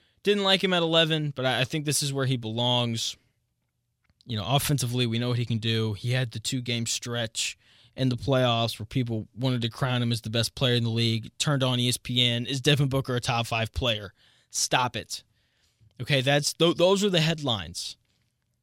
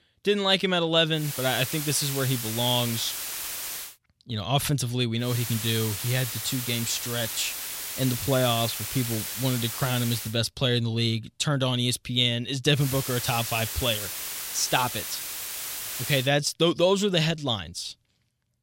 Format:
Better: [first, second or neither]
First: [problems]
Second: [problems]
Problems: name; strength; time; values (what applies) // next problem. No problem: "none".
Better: first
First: none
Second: hiss; loud; from 1 to 4 s, from 5.5 to 10 s and from 13 to 16 s; 5 dB below the speech